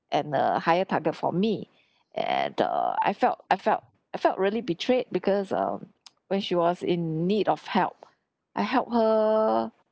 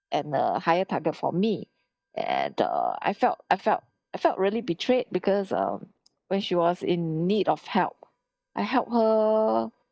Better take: first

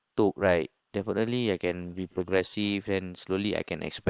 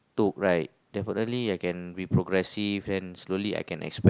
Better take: second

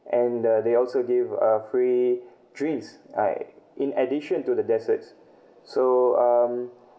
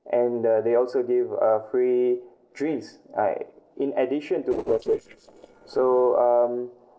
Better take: first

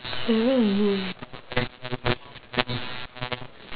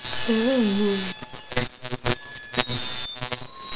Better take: first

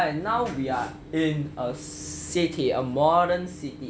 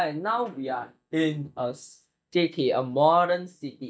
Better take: first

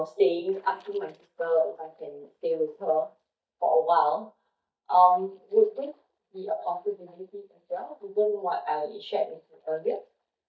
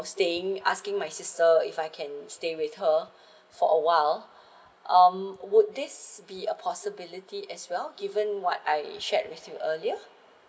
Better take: second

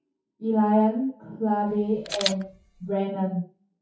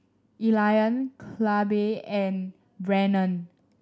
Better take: second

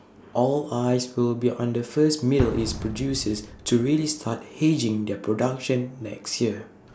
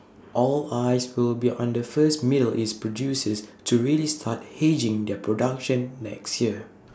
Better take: second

